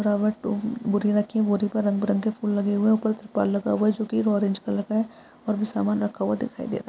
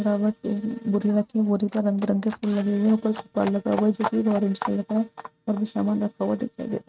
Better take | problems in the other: first | noise reduction (neural mask model RNNoise)

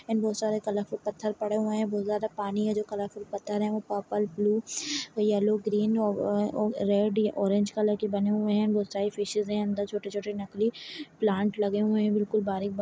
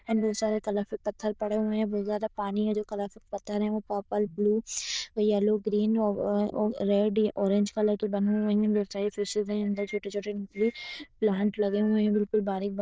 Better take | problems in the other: first | noise reduction (neural diffusion model UNIVERSE++)

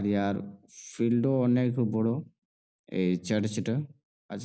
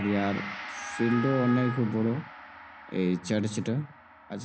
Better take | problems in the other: first | background sound (Gong + Wind instrument, woodwind instrument); 11 dB below the speech

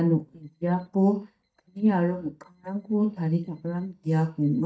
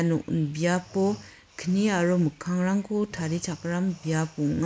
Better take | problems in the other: second | noise reduction (neural mask model DeepFilterNet 3)

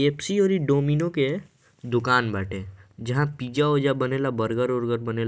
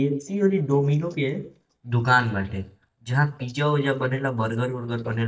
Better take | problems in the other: first | noise reduction (neural mask model DeepFilterNet 3)

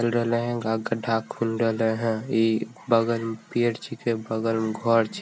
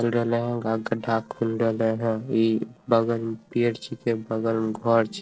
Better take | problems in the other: first | noise reduction (neural separator model SepFormer DNS4)

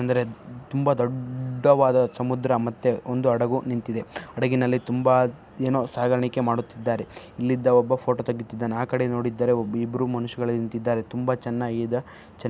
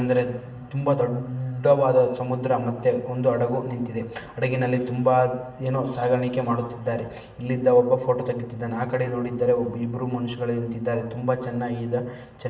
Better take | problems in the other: first | room echo; dies away in 0.8 s

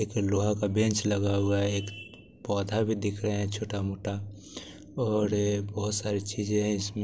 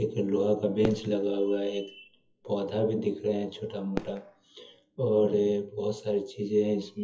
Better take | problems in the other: first | noise reduction (classical method WPE with log-MMSE)

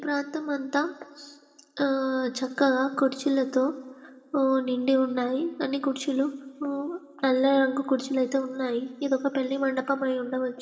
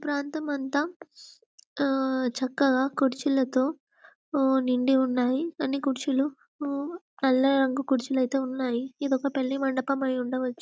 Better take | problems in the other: second | room echo; dies away in 1.5 s

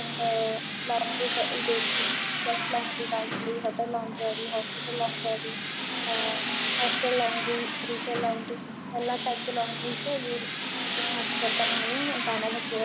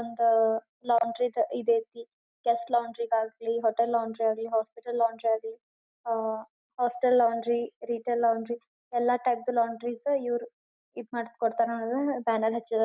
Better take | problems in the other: second | background sound (Tools); 1 dB above the speech

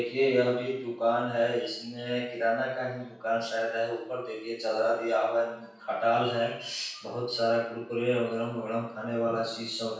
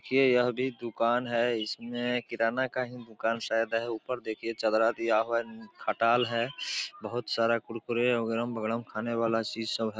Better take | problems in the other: second | room echo; dies away in 0.7 s

